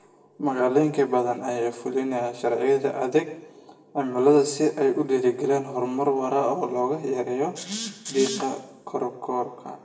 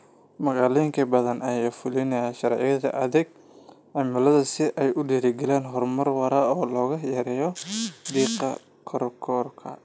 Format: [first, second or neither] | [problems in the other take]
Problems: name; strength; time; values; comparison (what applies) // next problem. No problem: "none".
second | room echo; dies away in 0.7 s